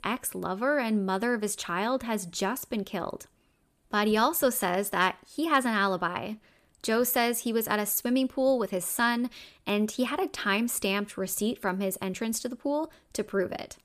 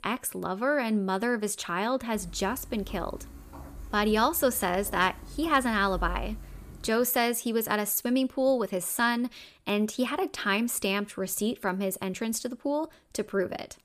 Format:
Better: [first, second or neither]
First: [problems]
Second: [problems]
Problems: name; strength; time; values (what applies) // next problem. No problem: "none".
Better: first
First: none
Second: footsteps; noticeable; from 2 to 7 s; peak 9 dB below the speech